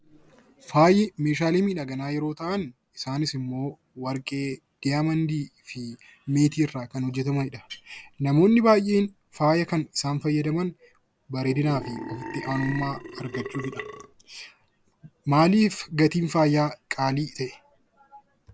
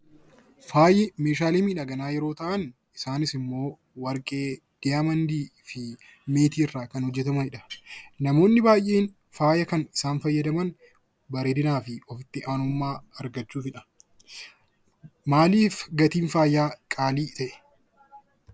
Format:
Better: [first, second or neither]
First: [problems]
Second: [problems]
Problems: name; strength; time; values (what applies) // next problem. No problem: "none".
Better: second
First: background sound (Burping, eructation); 11 dB below the speech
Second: none